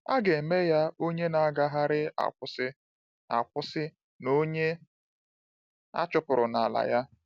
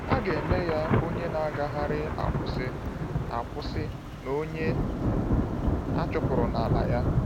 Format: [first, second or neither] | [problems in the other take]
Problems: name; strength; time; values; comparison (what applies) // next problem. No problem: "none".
first | background sound (Thunder / Rain); 5 dB above the speech